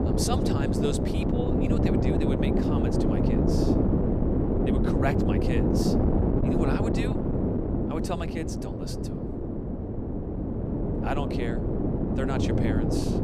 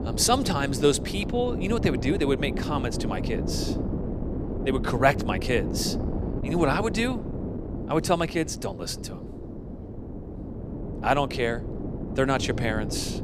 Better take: second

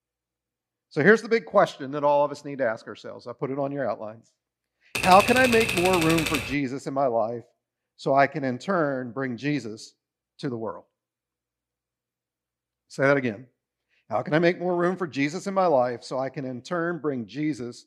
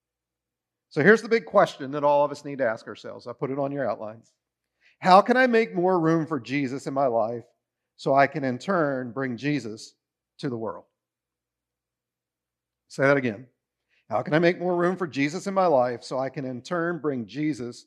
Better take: second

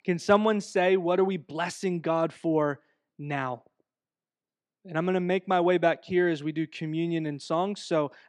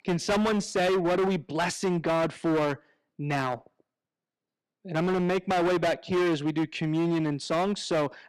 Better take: first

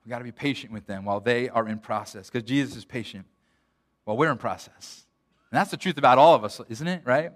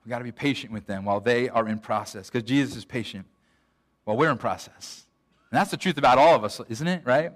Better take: first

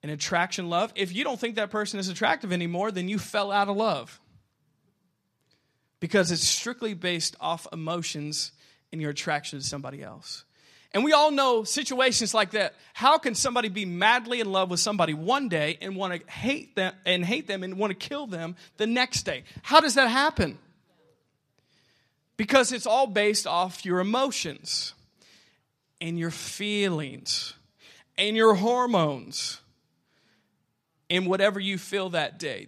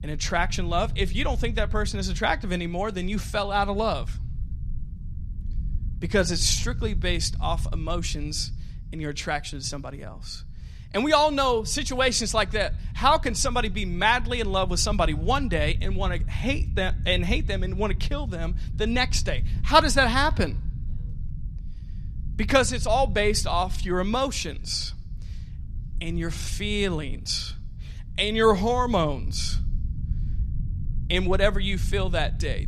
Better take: first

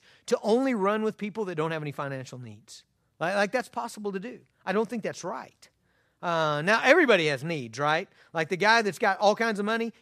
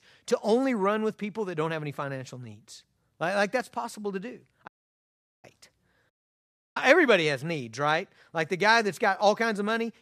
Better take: first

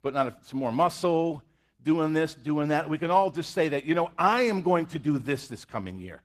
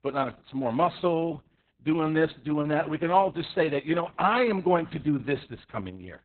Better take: first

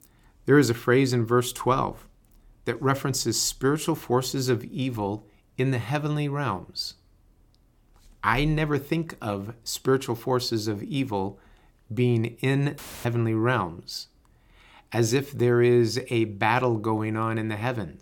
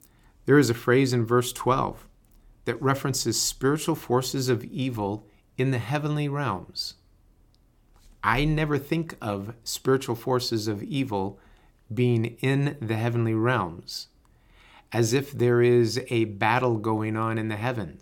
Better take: second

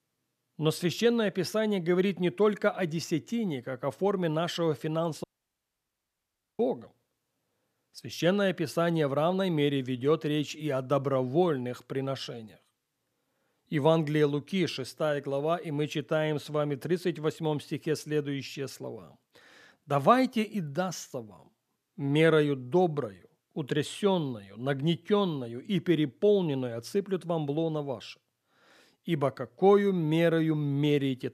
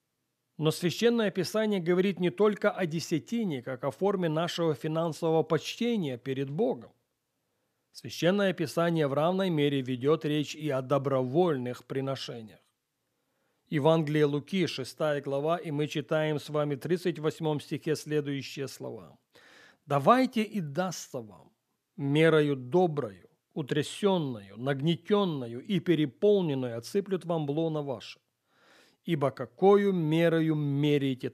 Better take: second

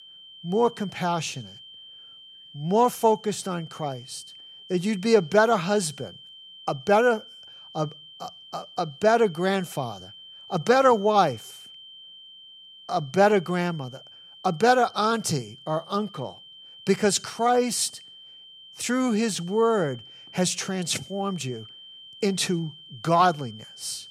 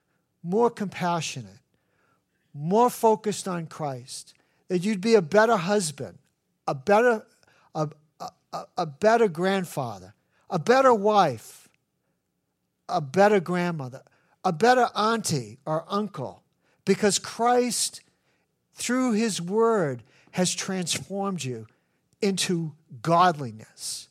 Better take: second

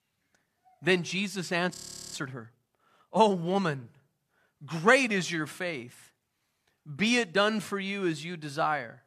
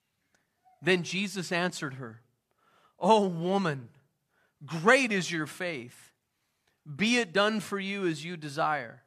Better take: second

